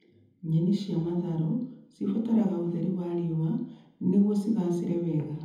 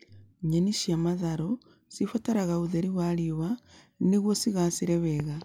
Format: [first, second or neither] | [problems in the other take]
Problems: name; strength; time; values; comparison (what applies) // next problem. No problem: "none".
second | room echo; dies away in 1 s